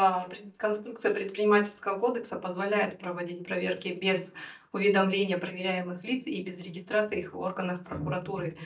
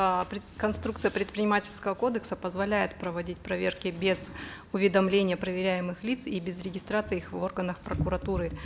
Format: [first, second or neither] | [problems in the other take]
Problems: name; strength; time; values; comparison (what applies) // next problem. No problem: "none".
second | noise reduction (neural mask model DeepFilterNet 3)